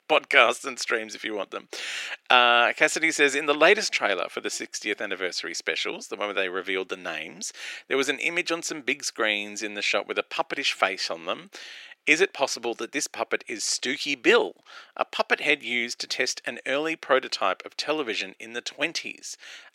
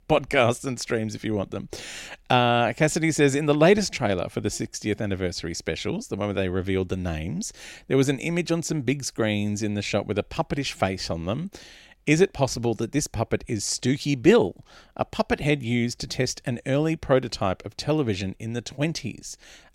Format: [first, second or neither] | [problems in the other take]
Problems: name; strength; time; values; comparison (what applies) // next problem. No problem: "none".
second | thin; very; fading below 350 Hz